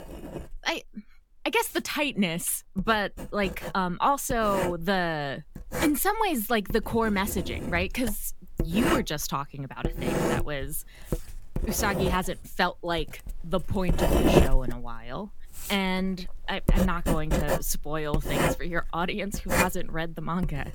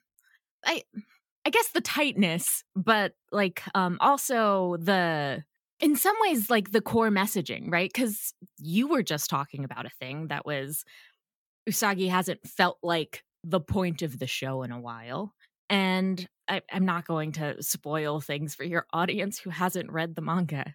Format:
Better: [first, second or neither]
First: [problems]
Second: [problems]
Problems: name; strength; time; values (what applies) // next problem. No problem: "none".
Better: second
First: household noises; loud; throughout; 1 dB below the speech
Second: none